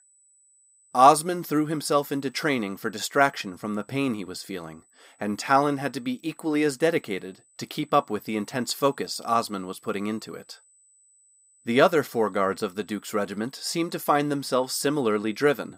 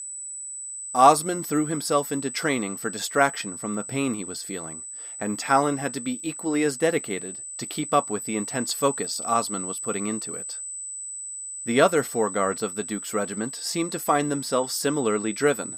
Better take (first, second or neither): first